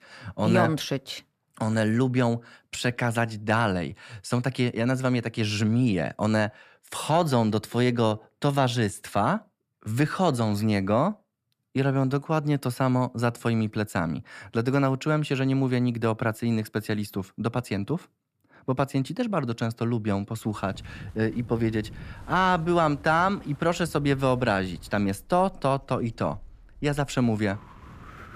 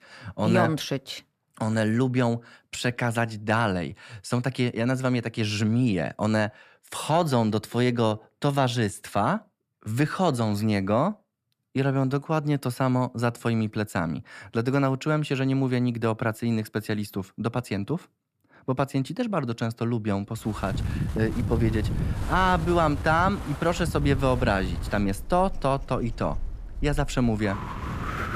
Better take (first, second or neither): first